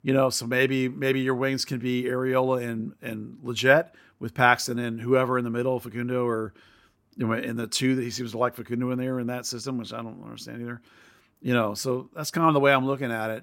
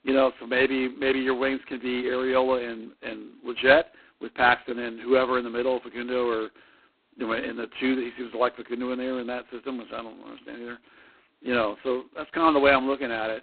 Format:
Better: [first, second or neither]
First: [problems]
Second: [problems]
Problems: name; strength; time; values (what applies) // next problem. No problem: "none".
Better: first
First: none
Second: phone-call audio; poor line; nothing above 4 kHz